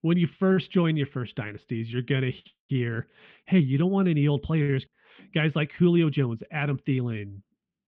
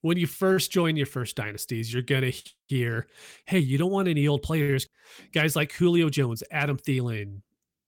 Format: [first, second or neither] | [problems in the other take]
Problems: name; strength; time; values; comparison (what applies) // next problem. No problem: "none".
second | muffled; very; fading above 3 kHz